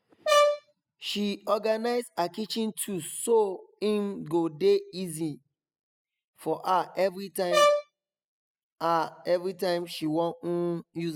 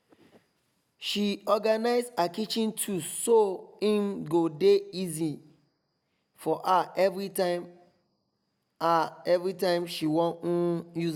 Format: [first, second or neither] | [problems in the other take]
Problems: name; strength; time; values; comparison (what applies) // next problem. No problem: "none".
second | noise reduction (classical method spectral subtraction)